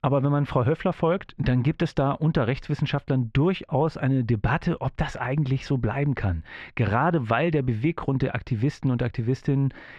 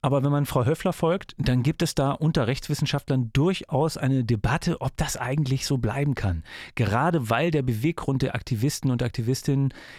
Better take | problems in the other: second | muffled; slightly; fading above 2.5 kHz

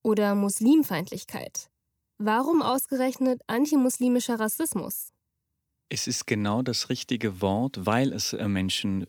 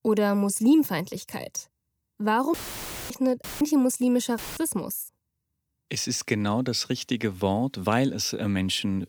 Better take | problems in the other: first | audio cutting out; filled with static; at 2.5 s for 0.5 s, at 3.5 s and at 4.5 s

